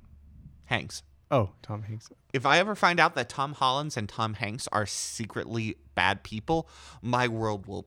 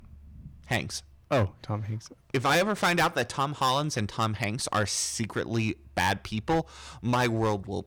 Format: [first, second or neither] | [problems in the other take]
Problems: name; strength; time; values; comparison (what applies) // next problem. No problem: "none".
first | distortion; heavy; 5% of the sound clipped